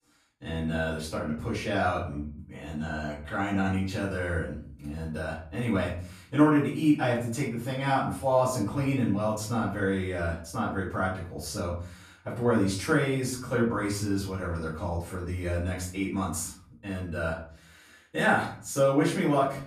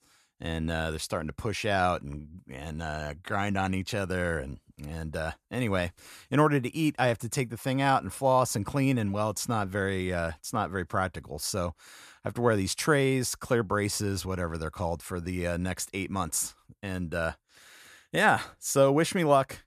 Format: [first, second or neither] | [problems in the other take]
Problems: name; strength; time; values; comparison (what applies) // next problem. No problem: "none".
second | room echo; noticeable; dies away in 0.5 s // off-mic speech; far